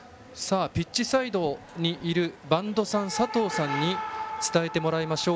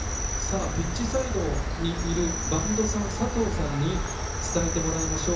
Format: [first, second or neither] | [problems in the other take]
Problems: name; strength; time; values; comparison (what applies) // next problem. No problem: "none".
first | background sound (Cricket); as loud as the speech // room echo; dies away in 0.7 s